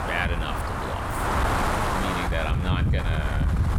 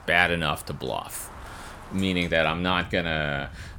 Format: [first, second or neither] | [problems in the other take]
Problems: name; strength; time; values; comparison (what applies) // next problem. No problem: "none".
second | wind noise on the microphone; heavy; 4 dB above the speech; occasional gusts in the second